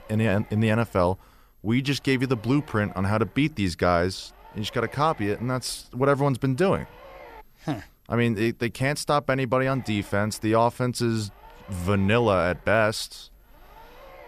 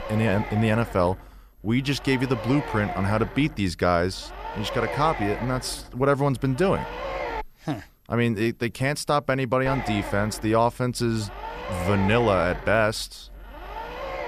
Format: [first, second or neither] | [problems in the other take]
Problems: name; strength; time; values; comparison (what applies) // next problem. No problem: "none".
first | low rumble; loud; until 7.5 s and from 9.5 s on; 7 dB below the speech; faint in the first